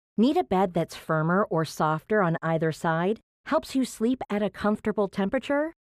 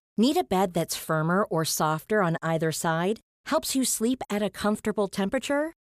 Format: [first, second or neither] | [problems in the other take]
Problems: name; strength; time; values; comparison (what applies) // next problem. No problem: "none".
second | muffled; slightly; fading above 4 kHz